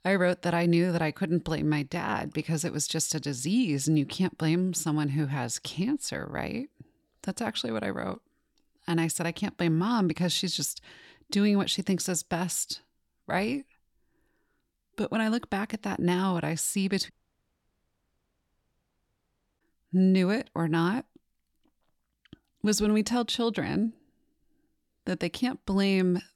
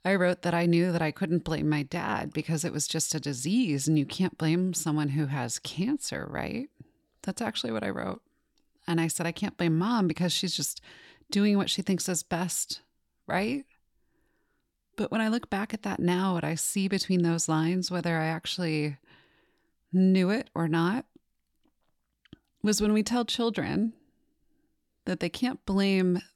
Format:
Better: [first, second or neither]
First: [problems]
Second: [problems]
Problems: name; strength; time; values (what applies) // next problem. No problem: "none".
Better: second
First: audio cutting out; at 17 s for 2.5 s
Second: none